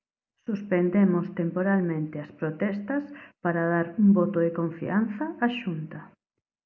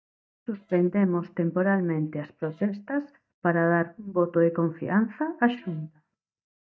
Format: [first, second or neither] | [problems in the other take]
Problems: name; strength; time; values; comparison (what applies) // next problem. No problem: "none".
first | noise reduction (neural mask model DeepFilterNet 3)